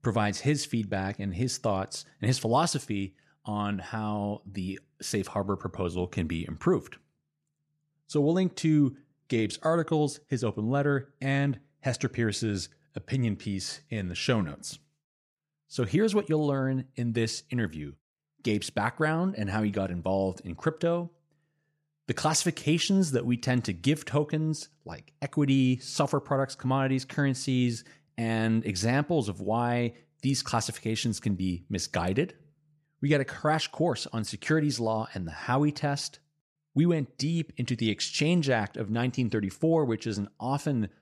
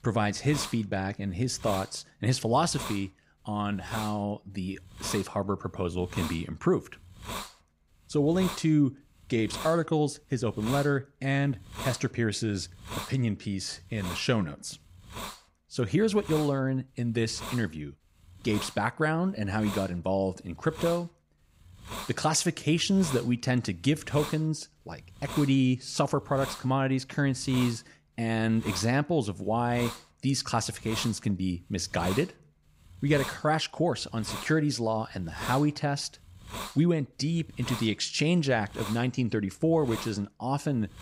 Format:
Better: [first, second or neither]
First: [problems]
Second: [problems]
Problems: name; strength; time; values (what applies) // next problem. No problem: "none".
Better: first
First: none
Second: hiss; noticeable; throughout; 10 dB below the speech